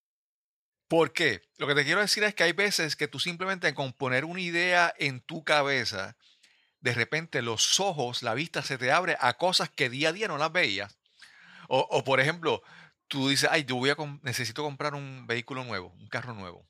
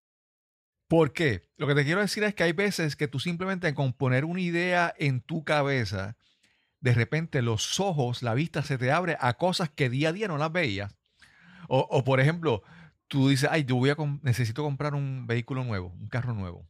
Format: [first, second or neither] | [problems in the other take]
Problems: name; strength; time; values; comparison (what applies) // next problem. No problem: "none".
second | thin; somewhat; fading below 650 Hz